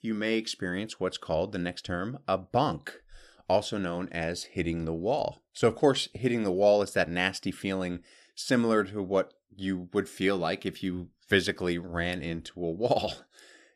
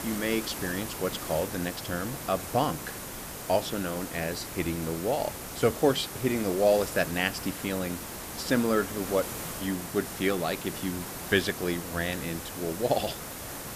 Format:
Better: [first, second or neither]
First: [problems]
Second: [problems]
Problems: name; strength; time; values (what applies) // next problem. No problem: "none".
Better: first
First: none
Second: hiss; loud; throughout; 7 dB below the speech